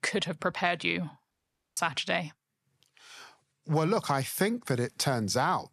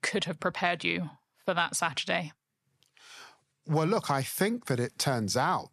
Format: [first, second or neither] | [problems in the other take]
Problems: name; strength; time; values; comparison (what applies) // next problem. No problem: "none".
second | audio cutting out; at 1.5 s